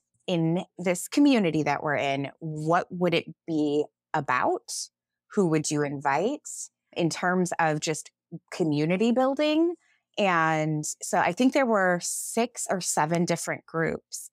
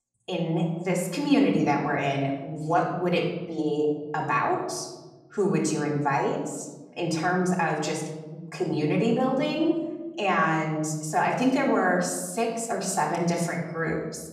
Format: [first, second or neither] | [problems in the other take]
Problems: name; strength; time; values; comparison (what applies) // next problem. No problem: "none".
first | off-mic speech; far // room echo; noticeable; dies away in 1.2 s